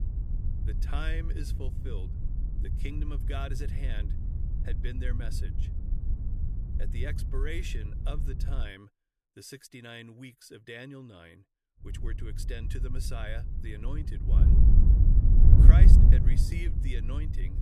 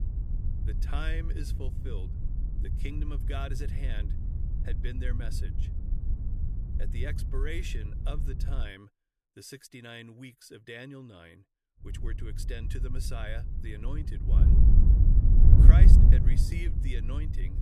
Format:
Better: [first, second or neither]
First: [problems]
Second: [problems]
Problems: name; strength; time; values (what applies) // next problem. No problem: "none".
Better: neither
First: wind noise on the microphone; heavy; until 8.5 s and from 12 s on; 1 dB below the speech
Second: wind noise on the microphone; heavy; until 8.5 s and from 12 s on; 1 dB below the speech